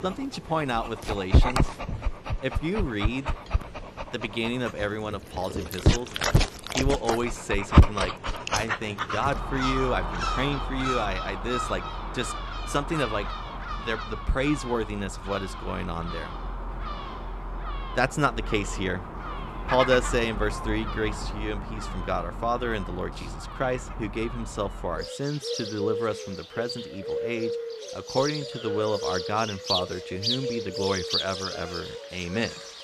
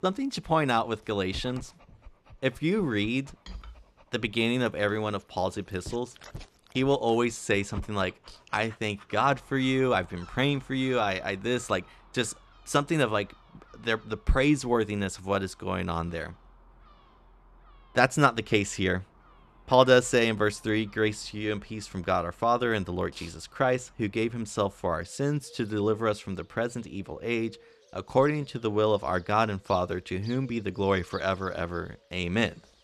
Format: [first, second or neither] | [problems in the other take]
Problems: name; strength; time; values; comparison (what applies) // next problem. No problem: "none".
second | animal sounds; loud; throughout; 1 dB below the speech; faint in the second